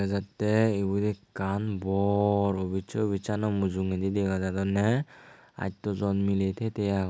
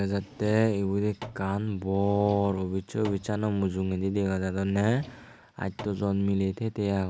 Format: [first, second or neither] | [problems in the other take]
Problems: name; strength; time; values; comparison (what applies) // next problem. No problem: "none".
first | background sound (Drawer open or close); 19 dB below the speech